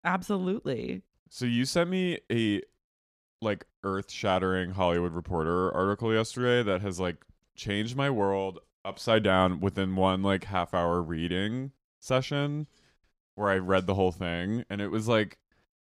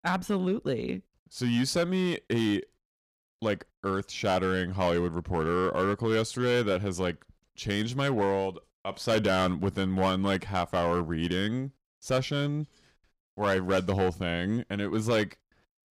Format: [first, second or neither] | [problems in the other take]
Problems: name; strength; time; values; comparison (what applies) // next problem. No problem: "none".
first | distortion; slight; 5% of the sound clipped